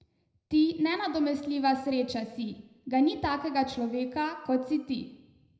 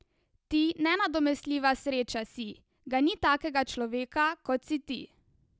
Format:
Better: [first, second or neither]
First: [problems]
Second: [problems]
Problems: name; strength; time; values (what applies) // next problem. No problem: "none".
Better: second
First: room echo; dies away in 0.8 s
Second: none